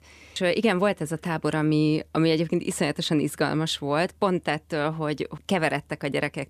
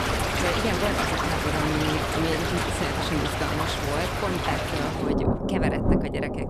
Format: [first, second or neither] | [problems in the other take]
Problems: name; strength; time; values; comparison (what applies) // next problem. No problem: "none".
first | rain or running water; very loud; throughout; 5 dB above the speech